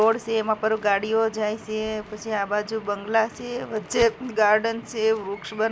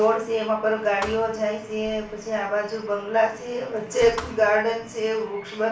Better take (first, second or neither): first